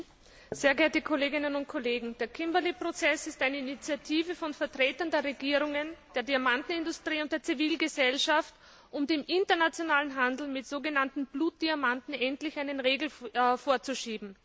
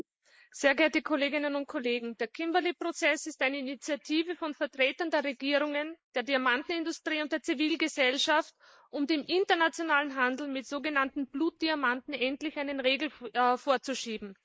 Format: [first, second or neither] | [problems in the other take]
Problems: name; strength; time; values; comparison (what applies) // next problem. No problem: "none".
first | noise reduction (neural mask model Resemble Enhance denoiser)